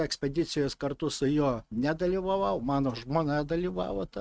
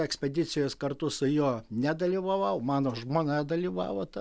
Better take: second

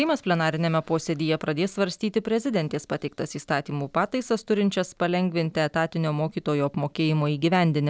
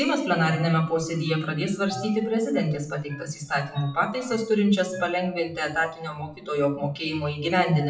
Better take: first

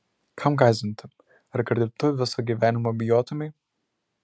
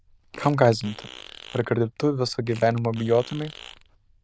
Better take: first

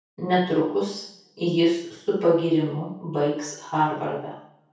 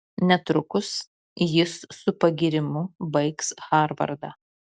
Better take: second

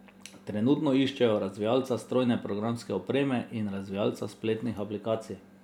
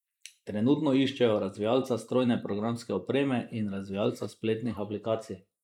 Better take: first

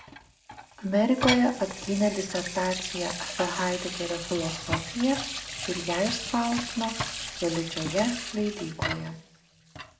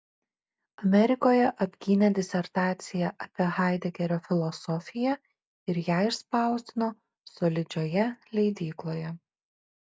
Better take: second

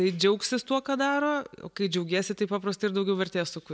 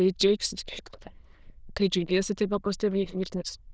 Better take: first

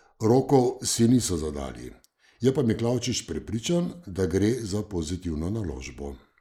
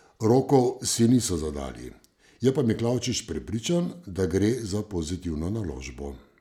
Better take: second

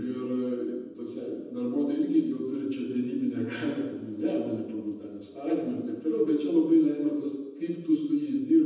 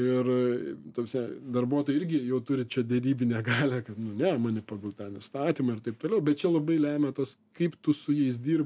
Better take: second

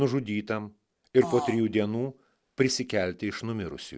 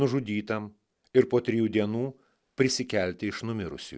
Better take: second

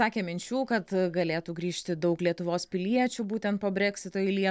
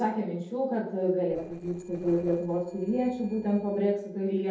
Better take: first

